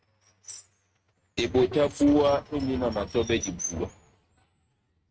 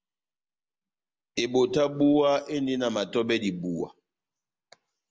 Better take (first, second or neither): second